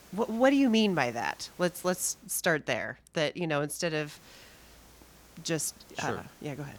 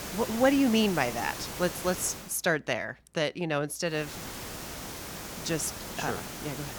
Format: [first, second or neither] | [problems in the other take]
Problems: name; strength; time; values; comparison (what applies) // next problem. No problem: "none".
first | hiss; loud; until 2 s and from 4 s on; 8 dB below the speech; faint in the first